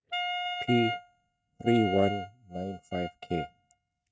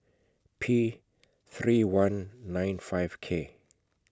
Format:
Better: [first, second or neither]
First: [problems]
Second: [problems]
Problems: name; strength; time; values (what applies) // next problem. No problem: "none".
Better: second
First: noise reduction (neural mask model RNNoise)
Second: none